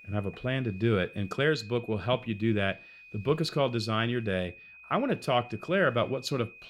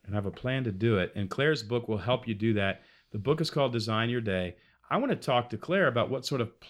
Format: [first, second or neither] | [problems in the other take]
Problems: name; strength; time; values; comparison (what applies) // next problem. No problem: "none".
second | high-pitched whine; noticeable; throughout; 2.5 kHz, 20 dB below the speech